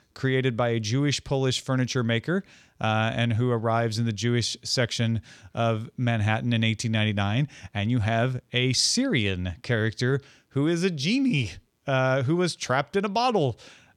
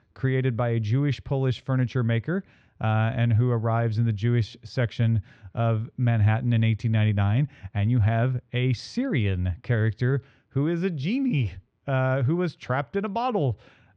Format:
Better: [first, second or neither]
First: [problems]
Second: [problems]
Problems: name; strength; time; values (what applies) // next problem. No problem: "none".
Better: first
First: none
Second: muffled; slightly; fading above 2.5 kHz